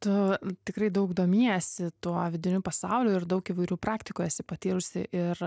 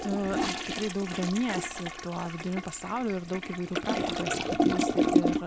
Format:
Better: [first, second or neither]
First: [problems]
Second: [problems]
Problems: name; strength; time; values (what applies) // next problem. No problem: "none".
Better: first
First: none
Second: background sound (Toilet flush); 3 dB above the speech